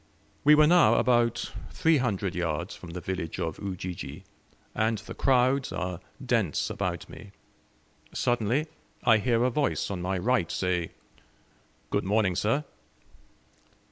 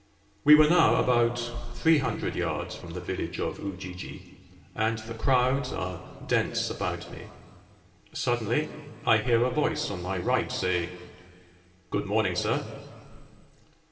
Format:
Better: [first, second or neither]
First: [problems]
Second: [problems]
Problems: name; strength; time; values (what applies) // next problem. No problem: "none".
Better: first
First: none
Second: room echo; dies away in 2 s